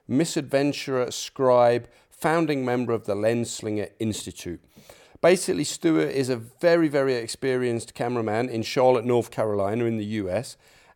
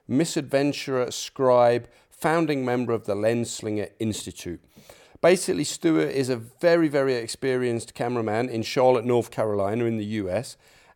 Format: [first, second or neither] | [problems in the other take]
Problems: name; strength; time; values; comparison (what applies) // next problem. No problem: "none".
neither | none